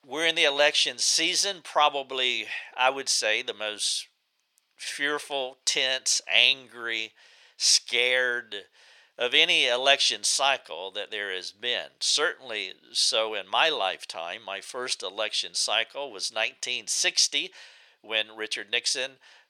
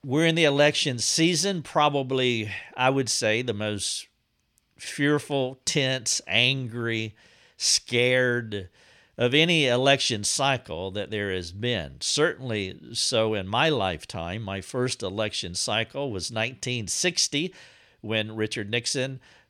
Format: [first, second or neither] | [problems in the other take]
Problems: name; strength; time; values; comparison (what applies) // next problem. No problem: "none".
second | thin; very; fading below 700 Hz